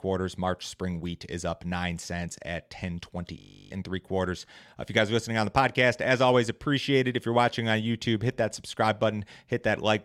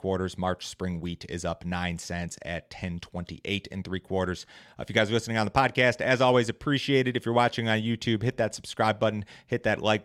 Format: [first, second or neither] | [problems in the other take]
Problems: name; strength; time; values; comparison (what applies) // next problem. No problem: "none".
second | audio freezing; at 3.5 s